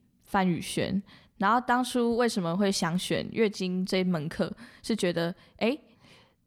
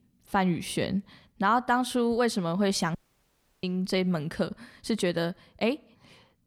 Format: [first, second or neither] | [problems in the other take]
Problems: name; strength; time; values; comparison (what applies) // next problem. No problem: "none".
first | audio cutting out; at 3 s for 0.5 s